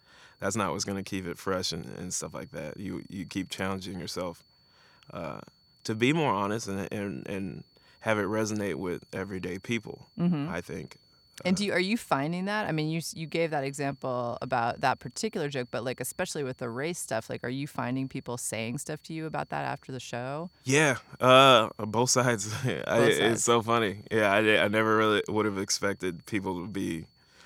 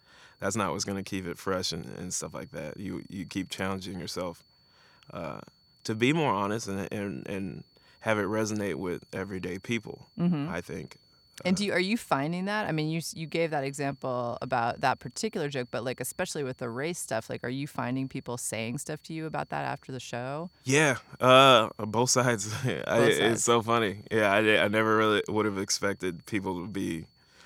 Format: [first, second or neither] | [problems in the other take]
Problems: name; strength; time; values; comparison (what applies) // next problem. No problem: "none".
neither | high-pitched whine; faint; throughout; 4.5 kHz, 35 dB below the speech; the same in both